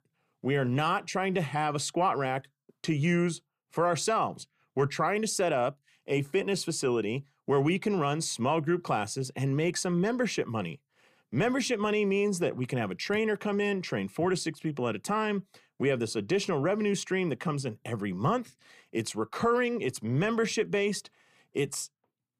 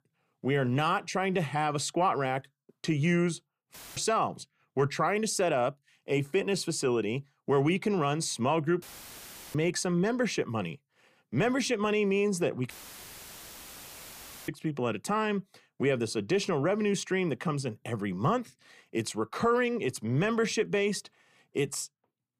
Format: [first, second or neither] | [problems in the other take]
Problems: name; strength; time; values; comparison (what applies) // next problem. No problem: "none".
first | audio cutting out; filled with static; at 3.5 s, at 9 s for 0.5 s and at 13 s for 2 s